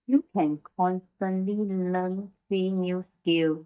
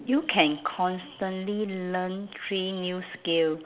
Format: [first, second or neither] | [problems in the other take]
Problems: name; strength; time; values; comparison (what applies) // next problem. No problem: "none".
second | noise reduction (neural mask model DeepFilterNet 3)